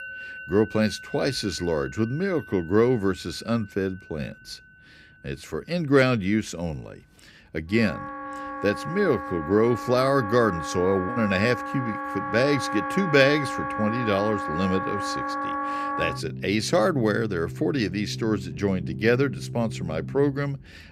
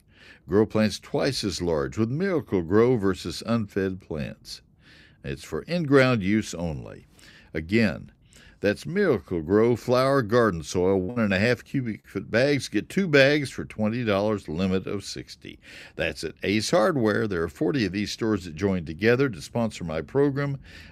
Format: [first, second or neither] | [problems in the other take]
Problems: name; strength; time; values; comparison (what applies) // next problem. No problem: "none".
second | background music; loud; throughout; 8 dB below the speech